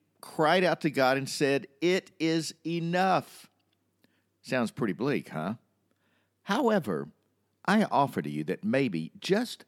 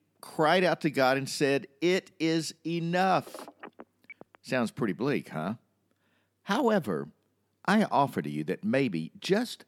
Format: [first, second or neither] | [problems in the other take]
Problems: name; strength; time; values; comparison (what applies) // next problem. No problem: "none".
first | phone ringing; faint; from 3.5 to 4.5 s; peak 15 dB below the speech